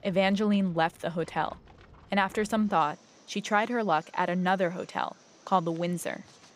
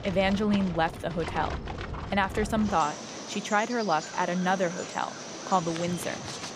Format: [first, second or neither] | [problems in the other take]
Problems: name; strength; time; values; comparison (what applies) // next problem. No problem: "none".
first | animal sounds; loud; throughout; 9 dB below the speech; faint in the first